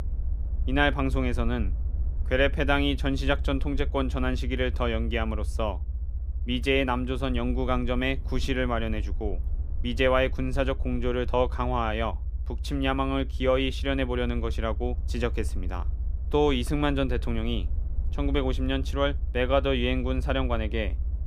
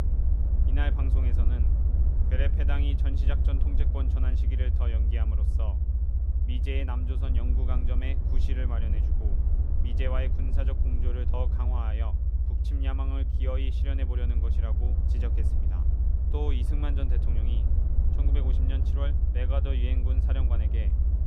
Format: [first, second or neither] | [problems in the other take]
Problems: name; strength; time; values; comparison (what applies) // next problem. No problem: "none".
first | low rumble; loud; throughout; 3 dB below the speech; faint in the first